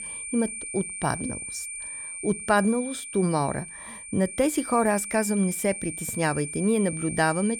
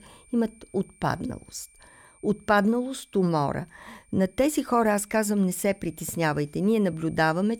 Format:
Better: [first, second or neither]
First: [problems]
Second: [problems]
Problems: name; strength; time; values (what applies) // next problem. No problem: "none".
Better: second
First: high-pitched whine; loud; throughout; 9 kHz, 7 dB below the speech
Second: high-pitched whine; faint; throughout; 9 kHz, 30 dB below the speech